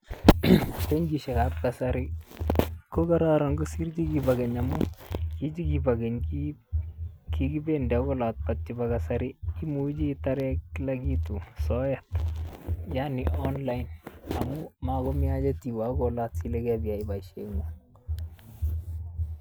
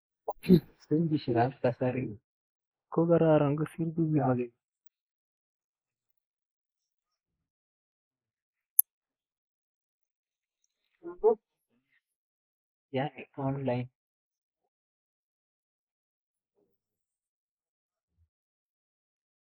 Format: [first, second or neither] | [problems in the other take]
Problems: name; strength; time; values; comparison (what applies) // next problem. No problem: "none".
first | noise reduction (neural mask model Resemble Enhance denoiser)